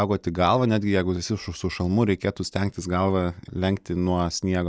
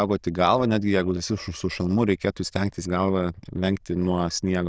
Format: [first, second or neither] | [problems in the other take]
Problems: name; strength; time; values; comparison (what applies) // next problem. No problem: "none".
first | noise reduction (neural diffusion model UNIVERSE++)